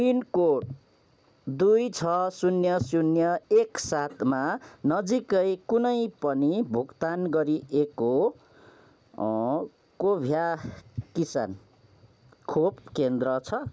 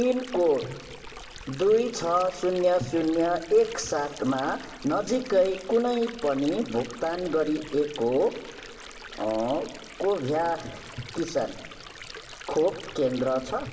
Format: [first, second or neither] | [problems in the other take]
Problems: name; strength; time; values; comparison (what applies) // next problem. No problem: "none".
first | background sound (Stream); 16 dB below the speech // room echo; dies away in 2.9 s